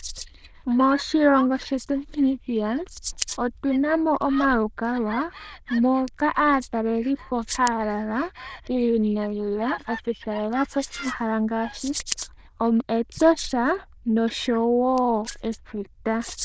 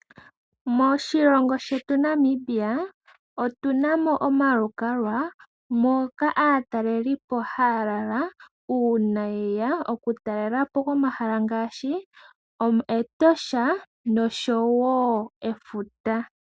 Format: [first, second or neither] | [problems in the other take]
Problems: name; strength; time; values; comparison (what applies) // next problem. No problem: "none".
second | noise reduction (neural diffusion model UNIVERSE++)